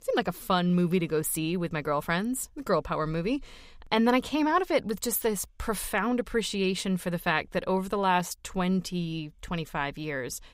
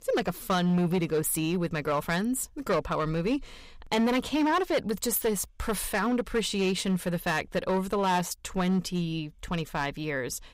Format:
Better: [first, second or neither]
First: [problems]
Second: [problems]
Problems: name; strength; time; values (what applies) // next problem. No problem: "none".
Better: first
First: none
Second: distortion; slight; 8% of the sound clipped